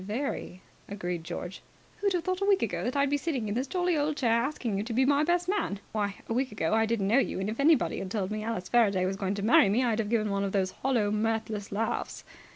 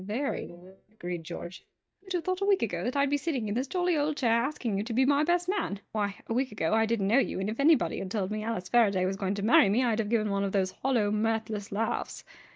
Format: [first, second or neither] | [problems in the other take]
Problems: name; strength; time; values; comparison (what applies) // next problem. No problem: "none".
first | noise reduction (neural mask model DeepFilterNet 3)